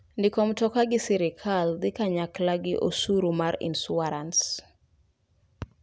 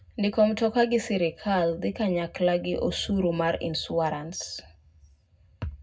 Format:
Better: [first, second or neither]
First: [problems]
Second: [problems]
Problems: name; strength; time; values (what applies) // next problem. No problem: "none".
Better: first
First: none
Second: room echo; dies away in 0.3 s